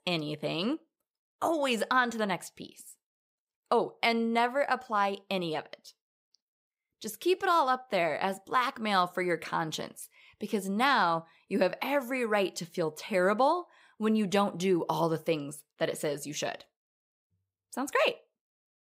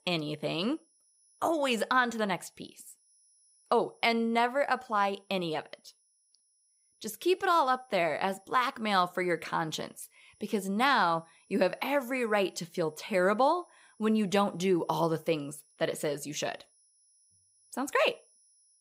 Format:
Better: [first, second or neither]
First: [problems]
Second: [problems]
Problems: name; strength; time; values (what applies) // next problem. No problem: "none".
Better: first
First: none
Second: high-pitched whine; faint; throughout; 10 kHz, 35 dB below the speech